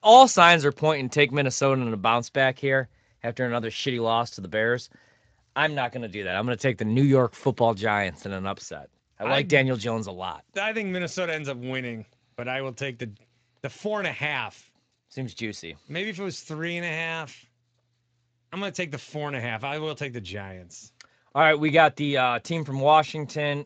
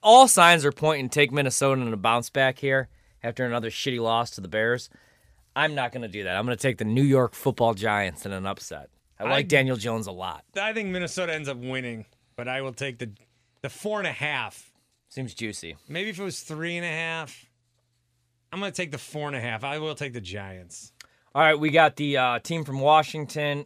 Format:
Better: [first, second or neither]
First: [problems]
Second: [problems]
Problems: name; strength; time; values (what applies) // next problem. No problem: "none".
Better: second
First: garbled, watery; slightly; nothing above 7.5 kHz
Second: none